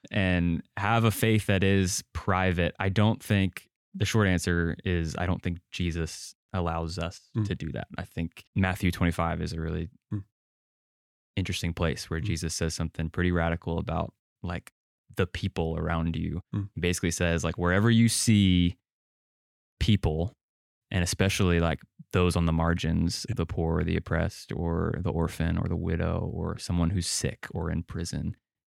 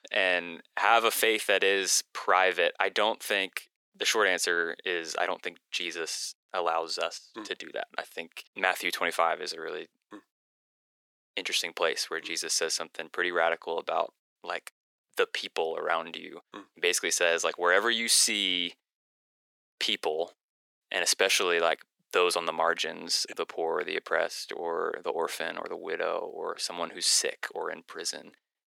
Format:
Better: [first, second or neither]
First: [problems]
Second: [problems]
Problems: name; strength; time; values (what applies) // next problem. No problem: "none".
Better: first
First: none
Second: thin; very; fading below 450 Hz